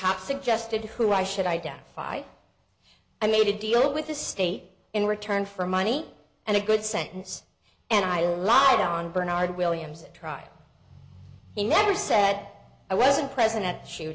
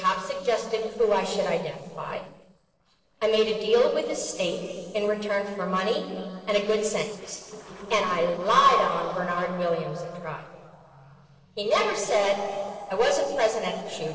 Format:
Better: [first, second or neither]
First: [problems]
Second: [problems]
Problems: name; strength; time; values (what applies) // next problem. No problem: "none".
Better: first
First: none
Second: noise reduction (neural separator model SepFormer DNS4)